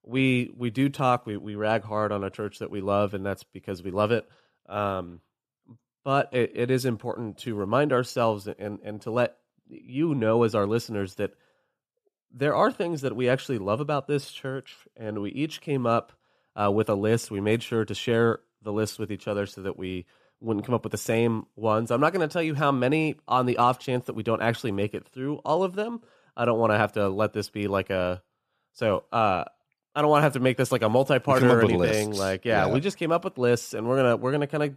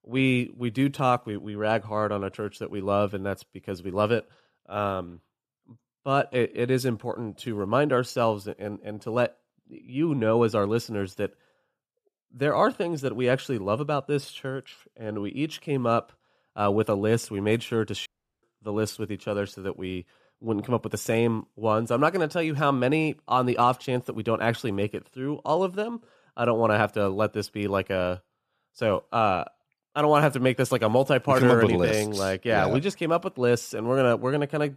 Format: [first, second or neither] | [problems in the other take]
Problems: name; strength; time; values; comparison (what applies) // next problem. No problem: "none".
first | audio cutting out; at 18 s